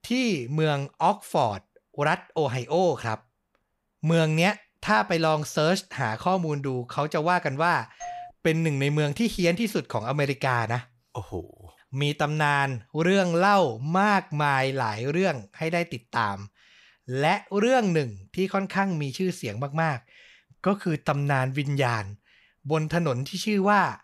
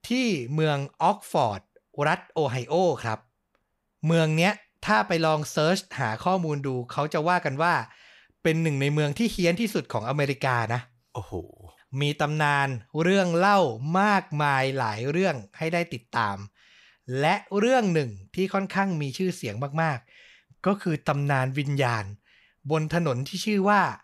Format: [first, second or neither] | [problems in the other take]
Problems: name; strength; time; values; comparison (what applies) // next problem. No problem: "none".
second | doorbell; faint; at 8 s; peak 15 dB below the speech